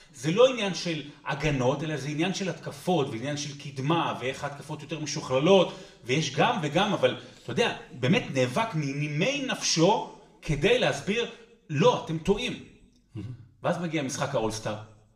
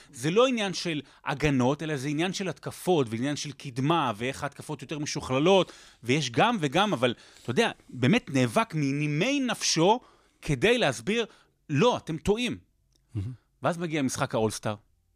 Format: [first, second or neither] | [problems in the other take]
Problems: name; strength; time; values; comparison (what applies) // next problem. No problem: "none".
second | room echo; slight; dies away in 0.5 s // off-mic speech; somewhat distant